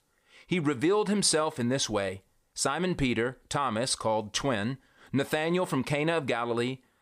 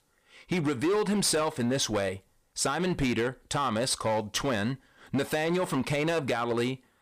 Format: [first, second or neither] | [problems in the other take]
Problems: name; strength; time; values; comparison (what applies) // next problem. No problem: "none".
first | distortion; slight; 10% of the sound clipped